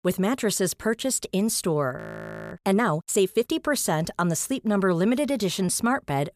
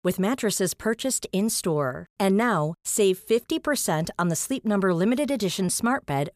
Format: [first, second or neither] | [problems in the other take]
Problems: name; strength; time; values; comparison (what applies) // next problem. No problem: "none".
second | audio freezing; at 2 s for 0.5 s